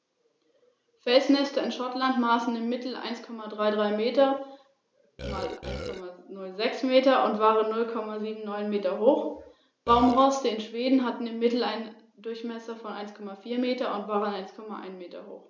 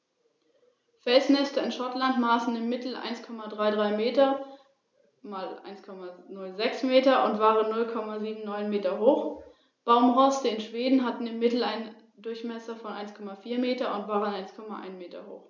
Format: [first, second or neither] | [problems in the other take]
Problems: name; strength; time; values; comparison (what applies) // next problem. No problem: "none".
second | background sound (Burping, eructation); 8 dB below the speech